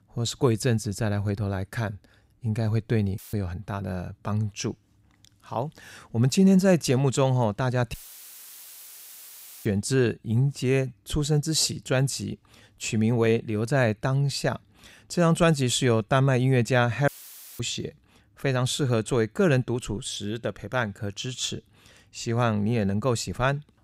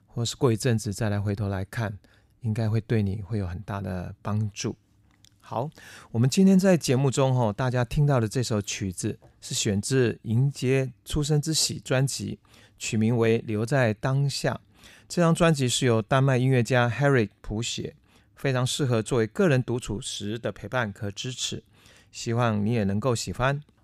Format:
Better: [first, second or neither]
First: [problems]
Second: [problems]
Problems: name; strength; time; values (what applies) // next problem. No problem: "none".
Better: second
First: audio cutting out; filled with static; at 3 s, at 8 s for 1.5 s and at 17 s for 0.5 s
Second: none